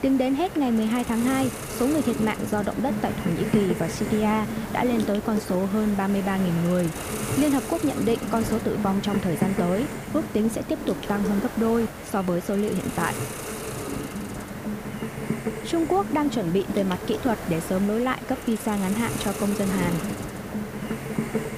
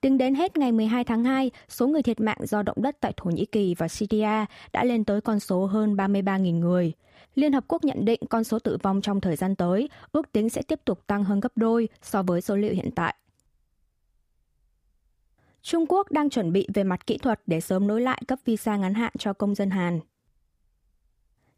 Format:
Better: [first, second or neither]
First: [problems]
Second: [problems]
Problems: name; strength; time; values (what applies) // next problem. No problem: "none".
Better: second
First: hiss; loud; throughout; 6 dB below the speech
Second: none